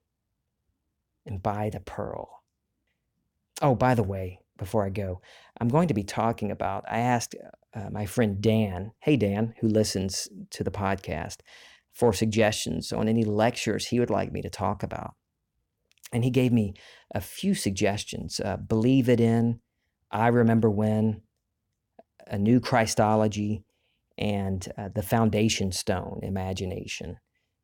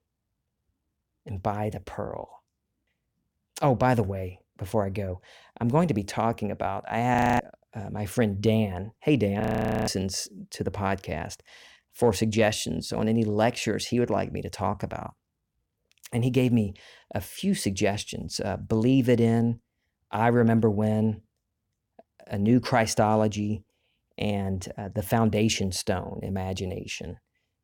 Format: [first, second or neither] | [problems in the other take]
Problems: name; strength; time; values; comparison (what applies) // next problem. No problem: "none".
first | audio freezing; at 7 s and at 9.5 s